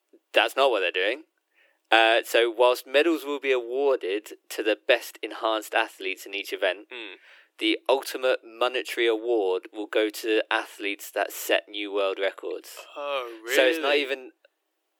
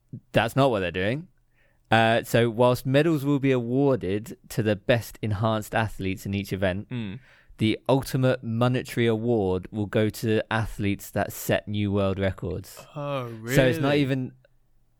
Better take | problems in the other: second | thin; very; fading below 300 Hz

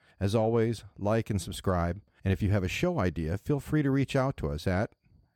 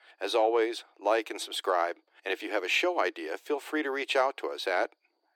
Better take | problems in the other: first | thin; very; fading below 300 Hz

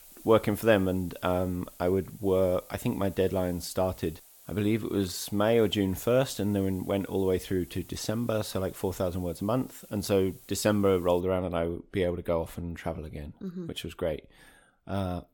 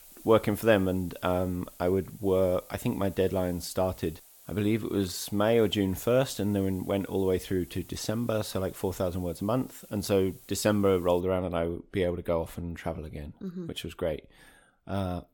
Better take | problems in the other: neither | hiss; faint; until 11 s; 20 dB below the speech; the same in both

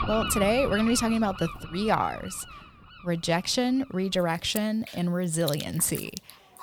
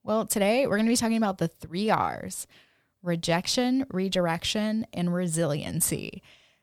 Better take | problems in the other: second | animal sounds; noticeable; throughout; 10 dB below the speech

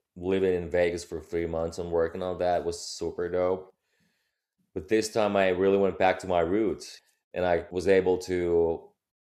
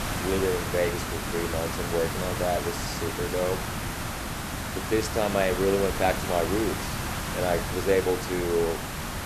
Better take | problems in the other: first | hiss; loud; throughout; 3 dB below the speech

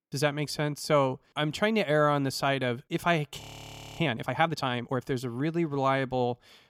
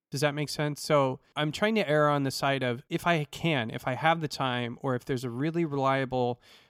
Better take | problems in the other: second | audio freezing; at 3.5 s for 0.5 s

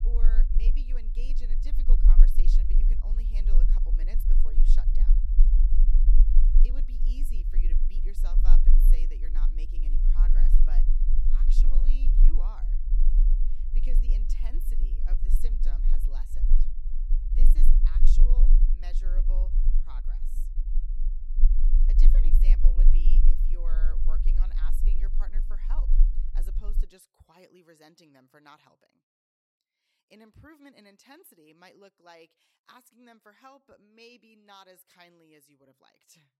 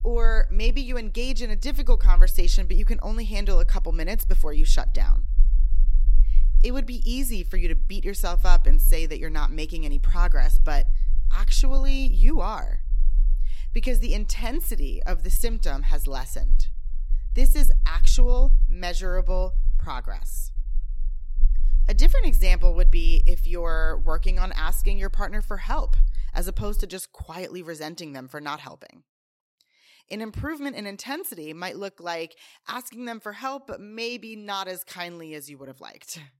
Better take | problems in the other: second | low rumble; loud; until 27 s; 2 dB below the speech; faint in the second

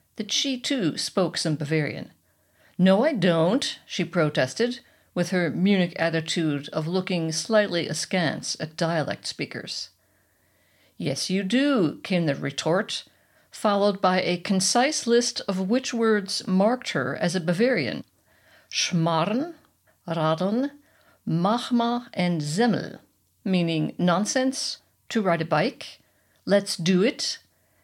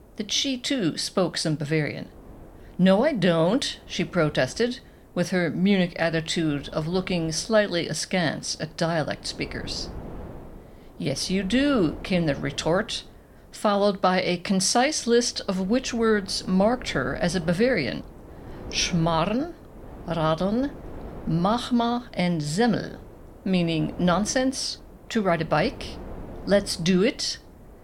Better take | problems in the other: first | wind noise on the microphone; occasional gusts; 20 dB below the speech

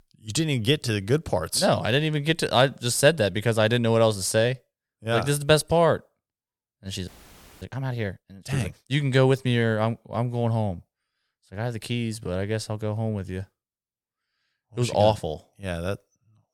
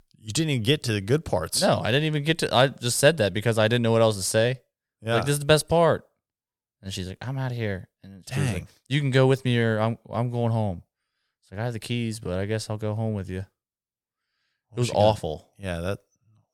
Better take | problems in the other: second | audio freezing; at 7 s for 0.5 s

